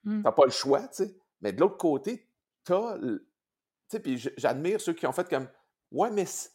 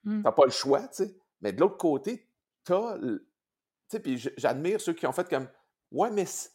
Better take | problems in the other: neither | none

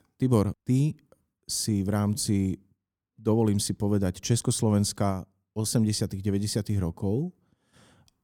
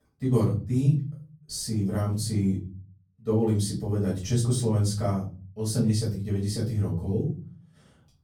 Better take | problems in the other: first | off-mic speech; far // room echo; slight; dies away in 0.4 s

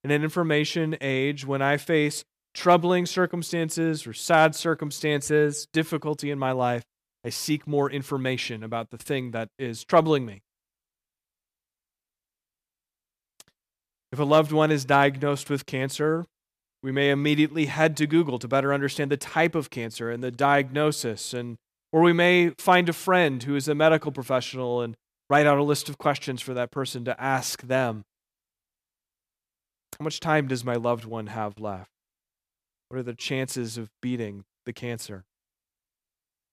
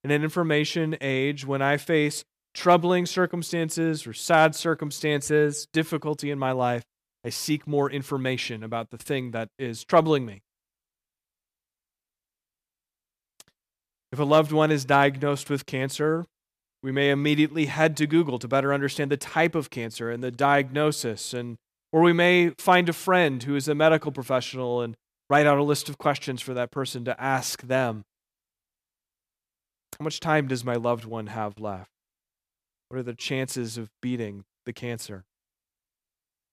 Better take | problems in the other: neither | none

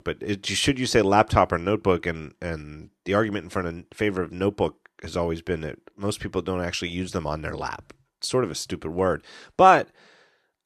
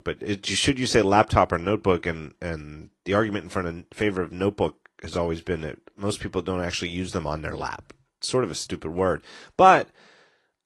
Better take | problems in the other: first | garbled, watery; slightly

